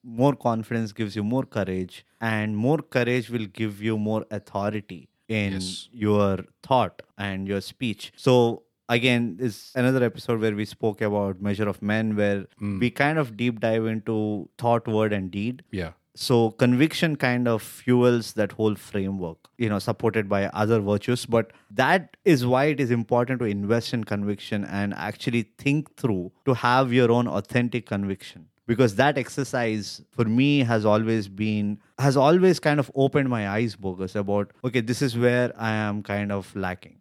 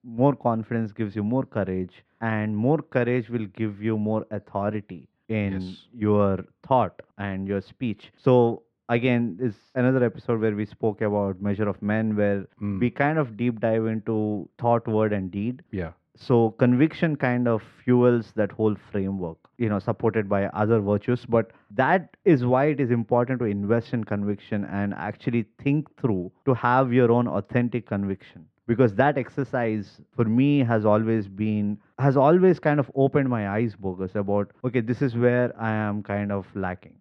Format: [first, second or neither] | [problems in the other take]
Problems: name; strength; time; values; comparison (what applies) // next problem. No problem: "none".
first | muffled; very; fading above 1.5 kHz